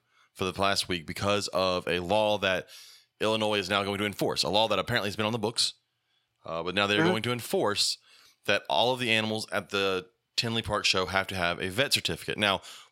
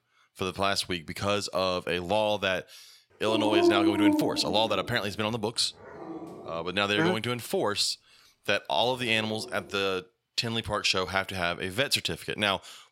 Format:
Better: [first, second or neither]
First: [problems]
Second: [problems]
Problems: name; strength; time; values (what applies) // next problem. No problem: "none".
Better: first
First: none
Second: dog barking; loud; from 3.5 to 6 s; peak 5 dB above the speech